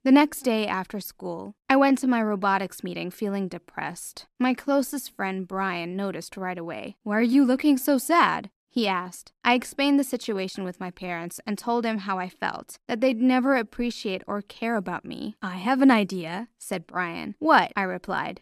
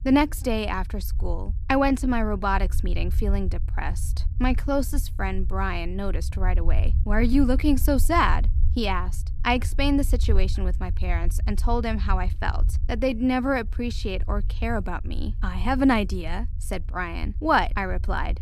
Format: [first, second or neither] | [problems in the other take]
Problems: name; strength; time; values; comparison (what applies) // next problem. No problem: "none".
first | low rumble; faint; throughout; 20 dB below the speech